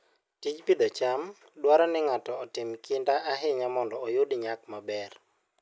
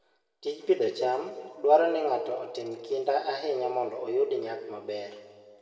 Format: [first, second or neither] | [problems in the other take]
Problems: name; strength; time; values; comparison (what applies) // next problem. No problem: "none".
first | room echo; dies away in 1.4 s